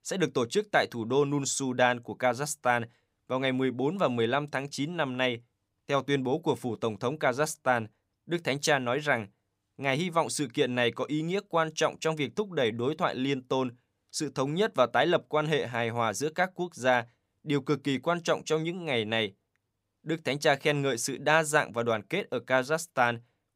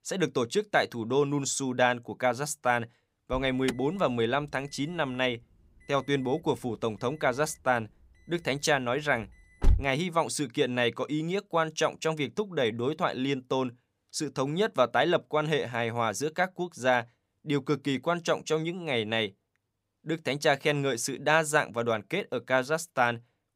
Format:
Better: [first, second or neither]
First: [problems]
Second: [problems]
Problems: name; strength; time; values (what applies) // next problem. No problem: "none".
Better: first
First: none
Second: alarm; noticeable; from 3.5 to 10 s; peak level with the speech